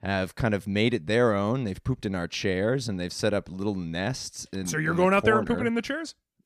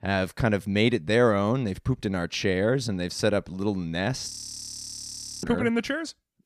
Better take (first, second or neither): first